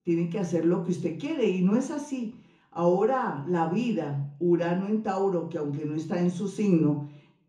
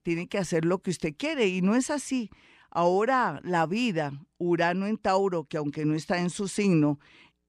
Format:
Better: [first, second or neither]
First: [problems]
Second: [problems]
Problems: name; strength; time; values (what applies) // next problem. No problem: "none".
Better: second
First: room echo; slight; dies away in 0.6 s // off-mic speech; far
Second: none